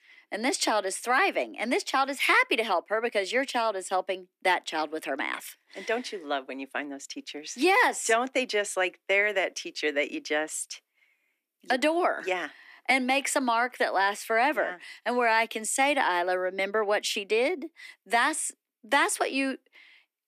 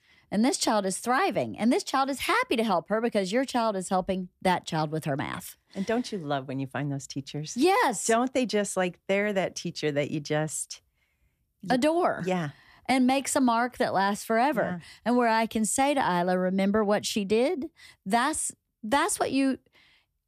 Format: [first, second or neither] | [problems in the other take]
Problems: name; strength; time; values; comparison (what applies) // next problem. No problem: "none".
second | thin; somewhat; fading below 300 Hz